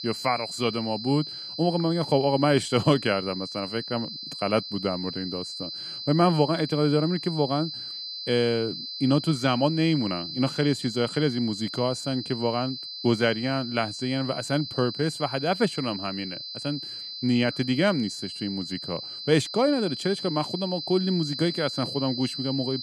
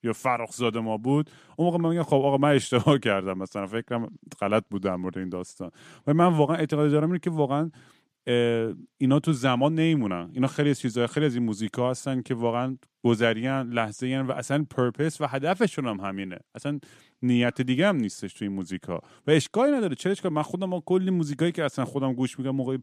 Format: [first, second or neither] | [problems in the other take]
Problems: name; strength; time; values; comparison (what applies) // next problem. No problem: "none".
second | high-pitched whine; loud; throughout; 4 kHz, 7 dB below the speech